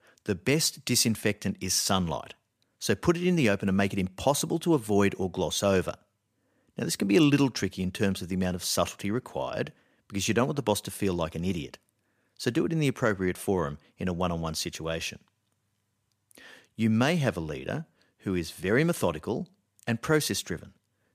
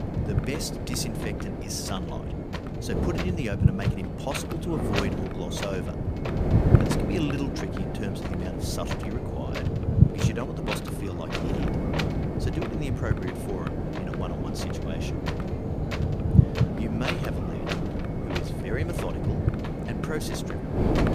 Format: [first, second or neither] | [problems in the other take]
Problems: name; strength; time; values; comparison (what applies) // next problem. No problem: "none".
first | wind noise on the microphone; heavy; 3 dB above the speech